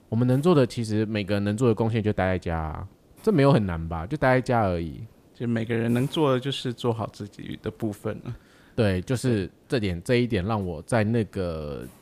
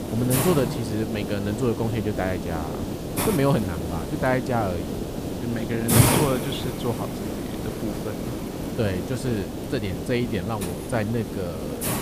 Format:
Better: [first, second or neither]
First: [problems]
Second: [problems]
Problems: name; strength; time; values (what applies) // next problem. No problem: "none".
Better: first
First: hiss; faint; throughout; 30 dB below the speech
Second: hiss; loud; throughout; 1 dB below the speech